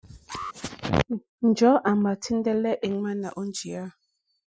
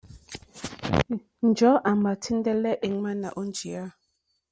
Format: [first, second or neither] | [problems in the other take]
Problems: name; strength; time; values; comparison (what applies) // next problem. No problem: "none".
second | noise reduction (classical method Wiener filter)